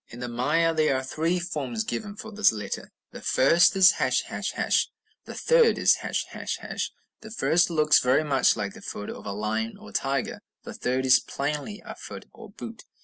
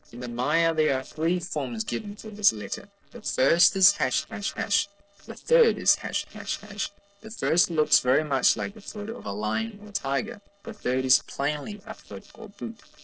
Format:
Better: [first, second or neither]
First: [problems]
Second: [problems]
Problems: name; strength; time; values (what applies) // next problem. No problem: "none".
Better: first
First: none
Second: noise reduction (neural separator model SepFormer DNS4)